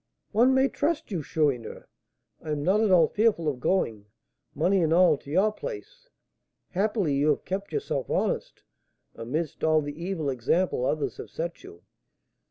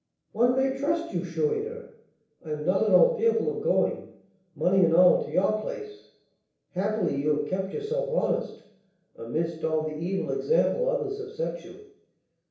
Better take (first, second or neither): first